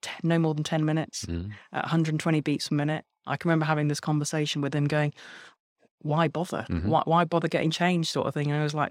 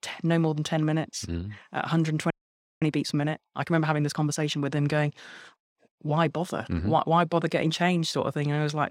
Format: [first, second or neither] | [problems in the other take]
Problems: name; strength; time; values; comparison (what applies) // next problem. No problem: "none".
first | audio freezing; at 2.5 s for 0.5 s